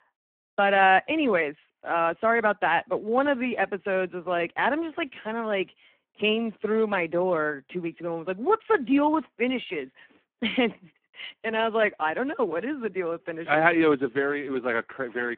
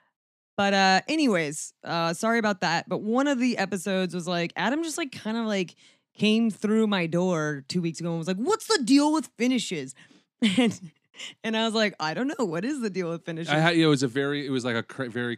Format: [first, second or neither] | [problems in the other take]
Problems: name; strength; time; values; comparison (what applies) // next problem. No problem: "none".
second | phone-call audio; poor line